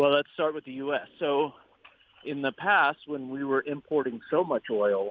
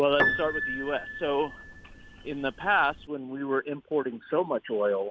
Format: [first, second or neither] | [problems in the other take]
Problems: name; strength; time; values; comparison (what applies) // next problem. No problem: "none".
first | background sound (Piano); 5 dB below the speech